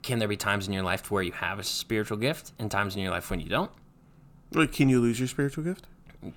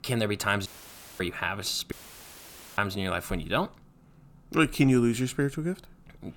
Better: first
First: none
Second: audio cutting out; filled with static; at 0.5 s for 0.5 s and at 2 s for 1 s

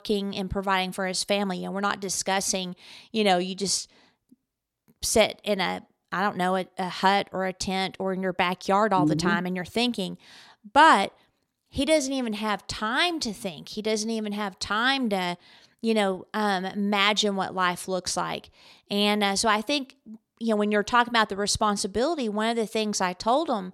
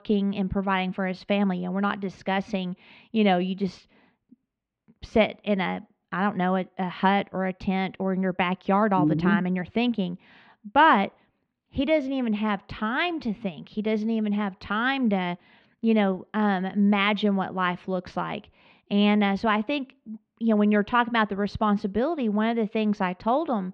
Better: first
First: none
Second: muffled; very; fading above 2.5 kHz

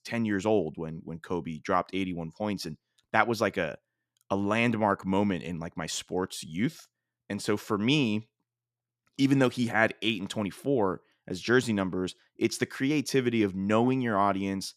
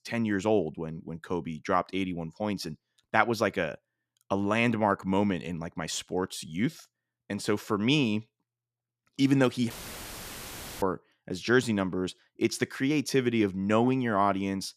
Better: first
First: none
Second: audio cutting out; filled with static; at 9.5 s for 1 s

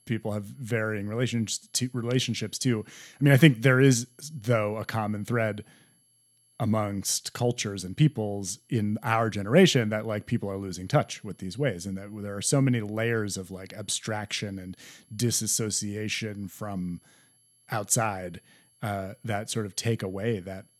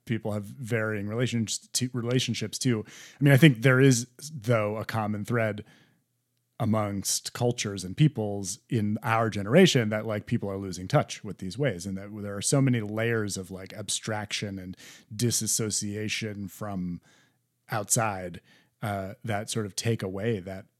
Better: second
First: high-pitched whine; faint; throughout; 11 kHz, 35 dB below the speech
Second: none

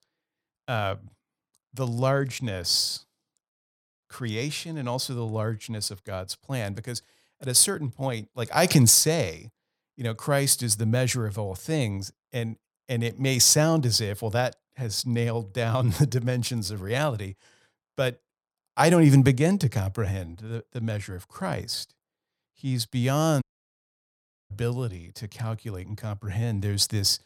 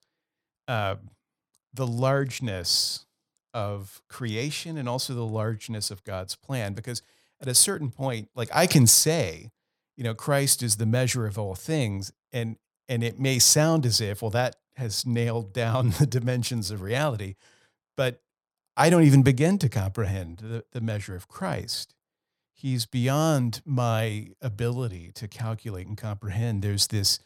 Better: second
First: audio cutting out; at 3.5 s for 0.5 s and at 23 s for 1 s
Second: none

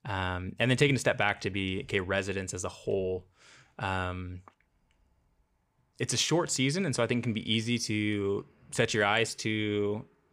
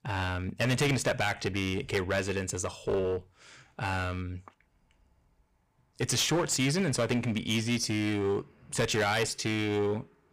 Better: first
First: none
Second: distortion; heavy; 9% of the sound clipped

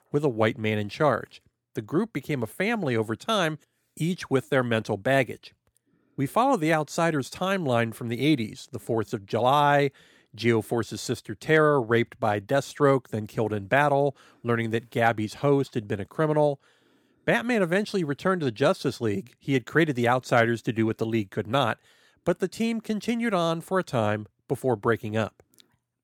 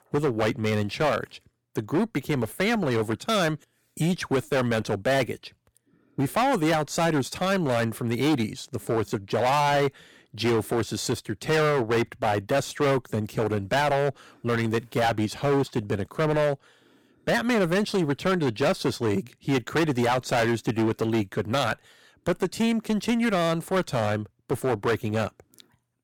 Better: first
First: none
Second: distortion; heavy; 12% of the sound clipped

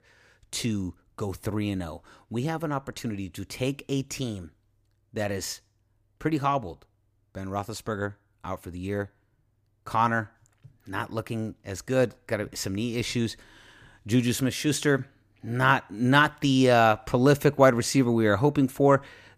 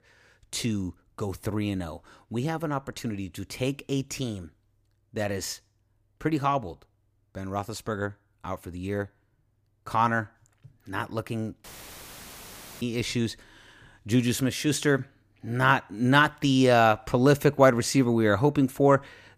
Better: first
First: none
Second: audio cutting out; filled with static; at 12 s for 1 s

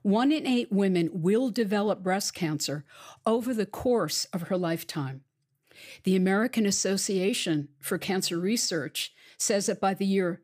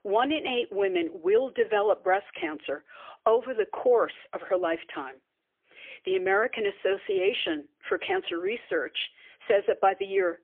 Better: first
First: none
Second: phone-call audio; poor line; nothing above 3.5 kHz

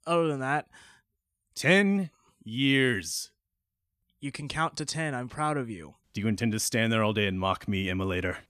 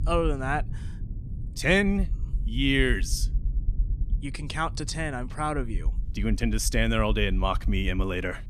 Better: first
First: none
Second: low rumble; faint; throughout; 25 dB below the speech

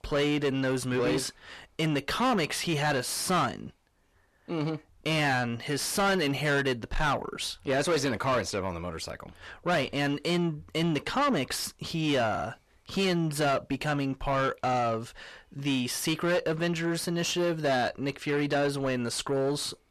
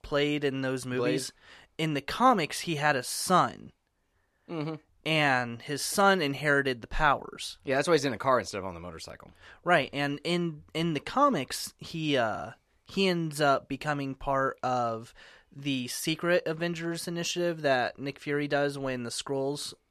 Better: second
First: distortion; heavy; 6 dB below the speech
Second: none

